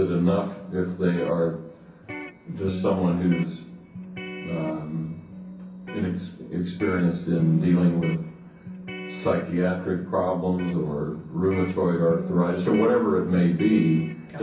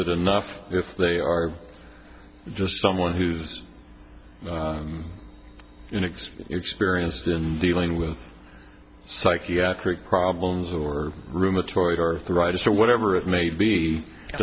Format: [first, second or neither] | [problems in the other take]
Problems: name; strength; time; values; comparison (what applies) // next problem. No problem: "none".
second | background sound (Electric guitar); 12 dB below the speech // room echo; dies away in 0.6 s